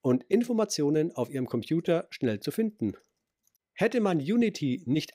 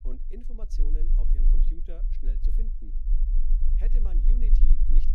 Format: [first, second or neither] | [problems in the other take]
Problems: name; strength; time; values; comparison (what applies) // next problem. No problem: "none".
first | low rumble; loud; throughout; 2 dB below the speech